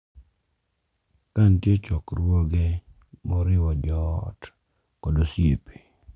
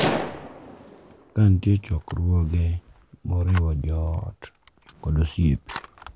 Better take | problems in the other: first | background sound (Gunshot, gunfire); 11 dB below the speech

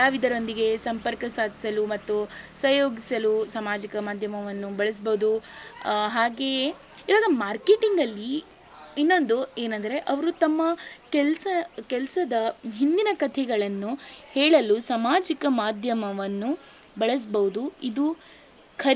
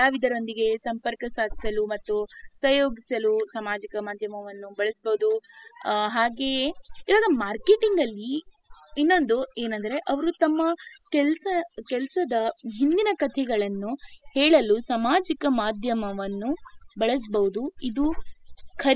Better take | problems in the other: first | noise reduction (classical method spectral subtraction)

